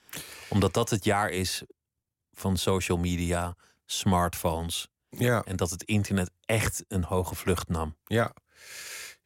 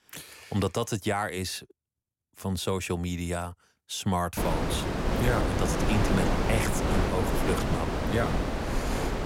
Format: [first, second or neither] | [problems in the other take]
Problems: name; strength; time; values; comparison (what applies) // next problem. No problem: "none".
first | wind noise on the microphone; heavy; from 4.5 s on; 2 dB above the speech